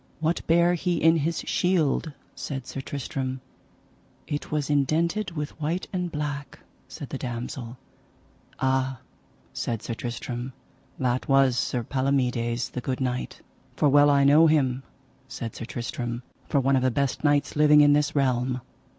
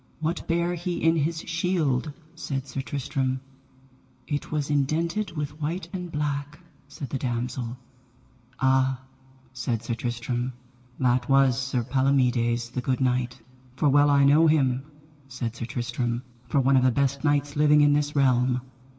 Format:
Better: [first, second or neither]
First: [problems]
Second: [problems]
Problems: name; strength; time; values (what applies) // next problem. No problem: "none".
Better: first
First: none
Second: room echo; dies away in 1.4 s